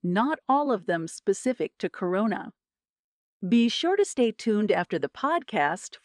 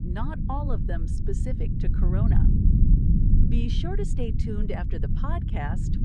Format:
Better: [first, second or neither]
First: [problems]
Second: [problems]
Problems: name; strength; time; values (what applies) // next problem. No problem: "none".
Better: first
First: none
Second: low rumble; loud; throughout; 2 dB below the speech